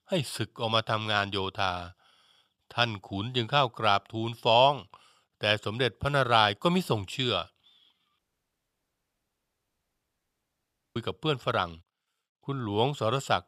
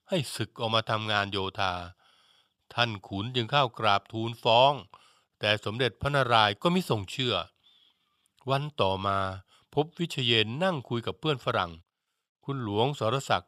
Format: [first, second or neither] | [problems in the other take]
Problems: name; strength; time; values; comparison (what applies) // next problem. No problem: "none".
second | audio cutting out; at 8 s for 3 s